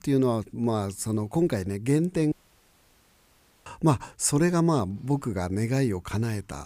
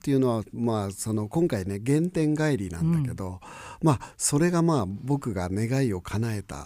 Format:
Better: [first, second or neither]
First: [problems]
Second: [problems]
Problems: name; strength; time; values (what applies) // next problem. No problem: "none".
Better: second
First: audio cutting out; at 2.5 s for 1.5 s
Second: none